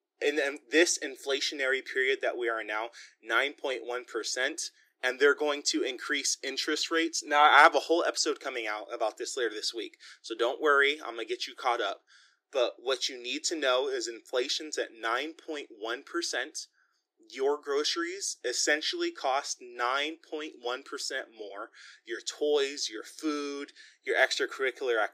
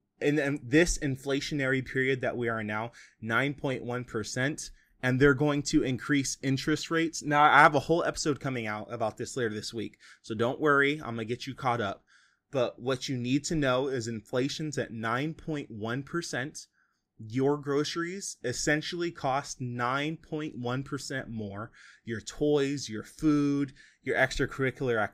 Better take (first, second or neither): second